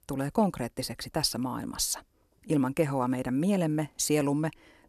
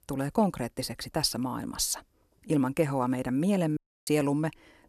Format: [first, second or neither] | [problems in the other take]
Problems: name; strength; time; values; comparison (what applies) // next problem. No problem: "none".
first | audio cutting out; at 4 s